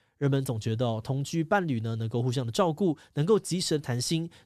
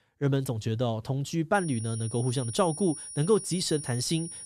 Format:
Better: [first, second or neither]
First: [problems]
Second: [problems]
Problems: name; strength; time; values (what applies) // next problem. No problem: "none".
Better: first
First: none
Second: high-pitched whine; loud; from 1.5 s on; 9.5 kHz, 10 dB below the speech